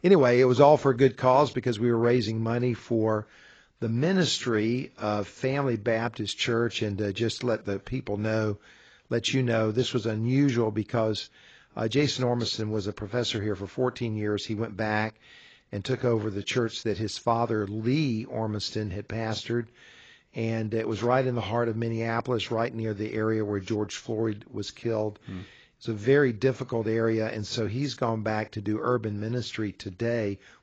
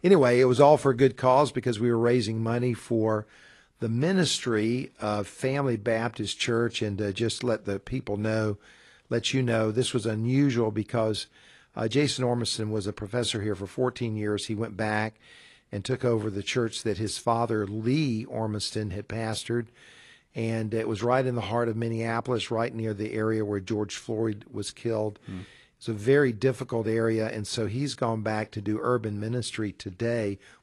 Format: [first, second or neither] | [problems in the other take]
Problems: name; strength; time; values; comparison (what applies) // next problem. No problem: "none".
second | garbled, watery; badly; nothing above 7.5 kHz; slightly in the second